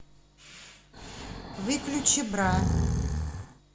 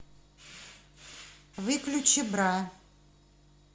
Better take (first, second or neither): second